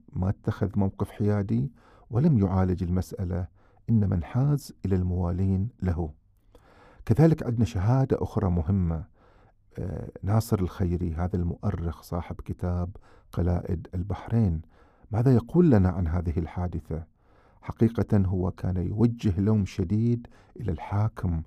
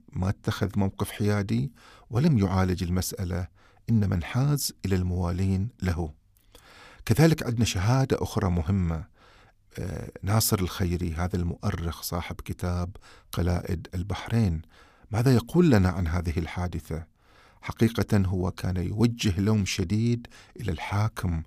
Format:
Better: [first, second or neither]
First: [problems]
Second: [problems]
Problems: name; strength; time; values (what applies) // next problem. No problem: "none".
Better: second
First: muffled; slightly; fading above 1.5 kHz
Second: none